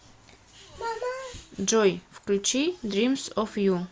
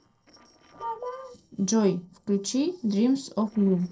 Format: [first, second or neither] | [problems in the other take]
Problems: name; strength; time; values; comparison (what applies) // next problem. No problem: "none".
first | noise reduction (neural separator model SepFormer DNS4)